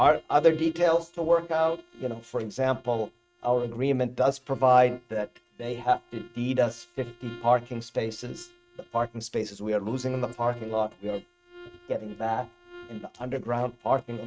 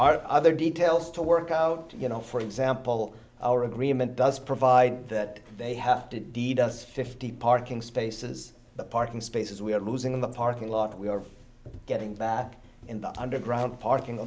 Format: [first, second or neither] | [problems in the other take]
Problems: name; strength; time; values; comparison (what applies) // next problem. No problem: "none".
second | noise reduction (neural mask model RNNoise)